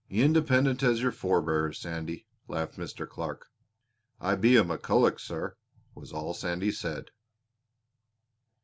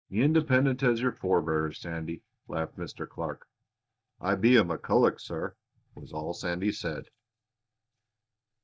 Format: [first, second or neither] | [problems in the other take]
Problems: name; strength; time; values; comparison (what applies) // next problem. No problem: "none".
first | noise reduction (neural mask model DeepFilterNet 3)